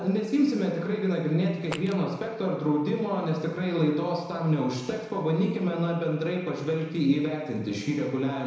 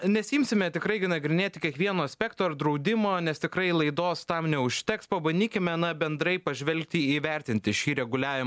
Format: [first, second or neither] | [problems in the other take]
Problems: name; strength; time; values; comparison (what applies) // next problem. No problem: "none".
second | background sound (Fart); 12 dB below the speech // room echo; dies away in 1 s